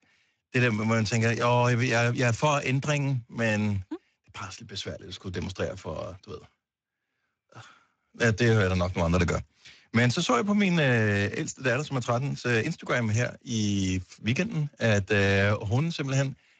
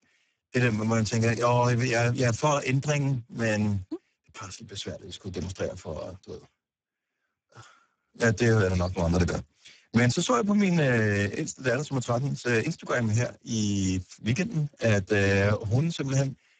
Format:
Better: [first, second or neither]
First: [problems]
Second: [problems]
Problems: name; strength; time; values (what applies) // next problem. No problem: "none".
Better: first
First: garbled, watery; slightly; nothing above 7.5 kHz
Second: garbled, watery; badly; nothing above 7.5 kHz